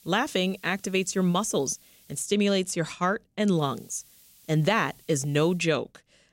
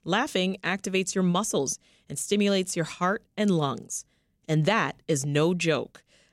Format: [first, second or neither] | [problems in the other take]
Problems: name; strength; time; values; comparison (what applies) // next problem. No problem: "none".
second | hiss; faint; until 2 s and from 3.5 to 5.5 s; 25 dB below the speech